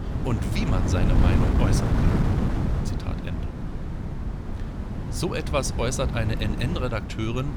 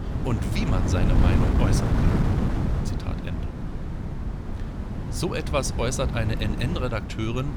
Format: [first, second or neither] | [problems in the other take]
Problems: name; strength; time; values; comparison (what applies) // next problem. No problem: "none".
neither | wind noise on the microphone; heavy; 3 dB below the speech; the same in both